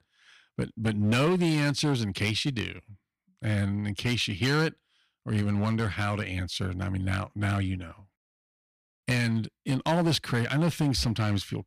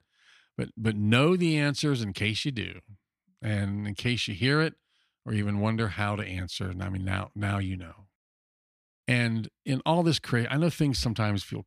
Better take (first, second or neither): second